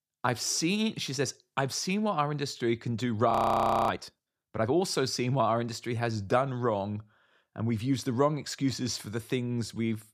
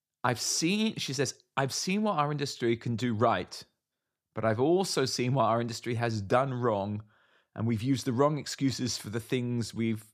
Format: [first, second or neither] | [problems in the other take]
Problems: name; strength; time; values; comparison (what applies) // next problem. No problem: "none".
second | audio freezing; at 3.5 s for 0.5 s